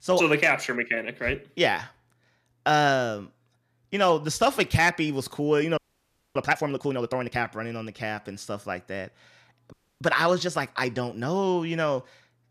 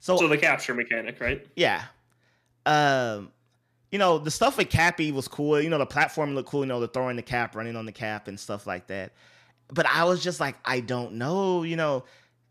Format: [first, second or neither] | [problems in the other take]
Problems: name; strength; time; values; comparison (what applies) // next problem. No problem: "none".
second | audio freezing; at 6 s for 0.5 s and at 9.5 s